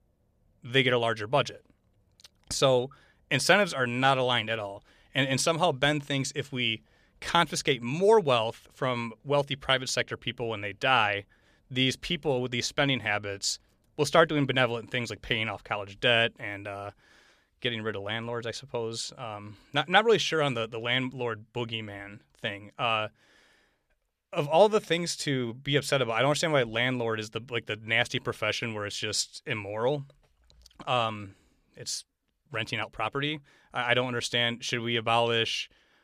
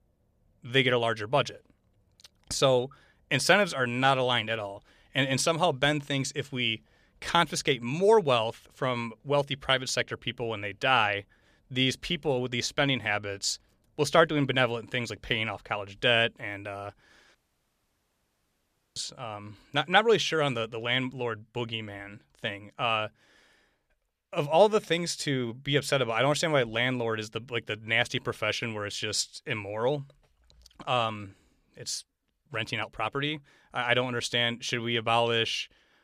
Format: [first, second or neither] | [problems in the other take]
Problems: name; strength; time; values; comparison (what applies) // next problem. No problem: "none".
first | audio cutting out; at 17 s for 1.5 s